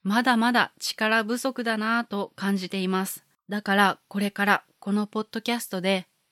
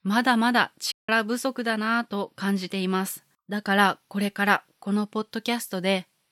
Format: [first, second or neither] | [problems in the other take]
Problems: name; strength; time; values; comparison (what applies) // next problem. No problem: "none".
first | audio cutting out; at 1 s